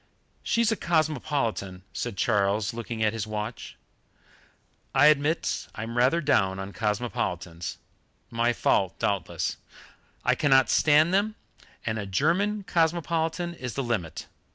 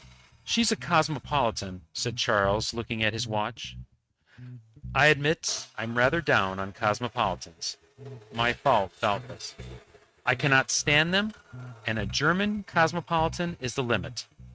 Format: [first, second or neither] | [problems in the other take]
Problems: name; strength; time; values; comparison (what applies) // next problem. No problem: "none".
first | noise reduction (neural mask model RNNoise)